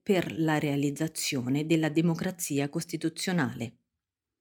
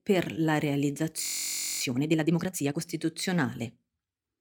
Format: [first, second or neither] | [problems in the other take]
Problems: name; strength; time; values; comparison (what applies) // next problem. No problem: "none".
first | audio freezing; at 1 s for 0.5 s